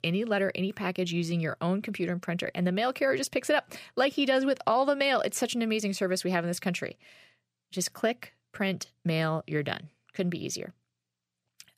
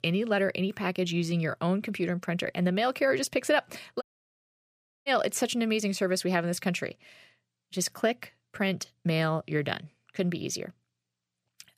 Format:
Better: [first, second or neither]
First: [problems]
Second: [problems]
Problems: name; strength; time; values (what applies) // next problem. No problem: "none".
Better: first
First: none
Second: audio cutting out; at 4 s for 1 s